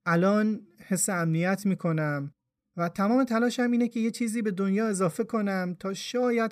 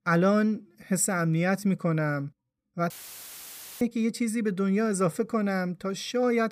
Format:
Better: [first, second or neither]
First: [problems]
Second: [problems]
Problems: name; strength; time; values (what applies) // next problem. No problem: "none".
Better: first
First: none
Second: audio cutting out; filled with static; at 3 s for 1 s